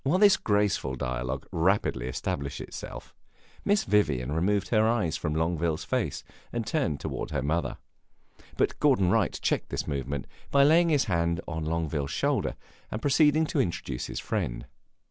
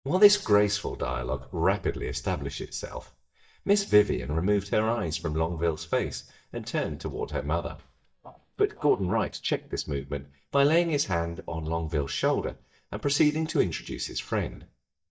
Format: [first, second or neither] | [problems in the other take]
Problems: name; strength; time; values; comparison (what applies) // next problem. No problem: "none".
first | noise reduction (neural mask model DeepFilterNet 3)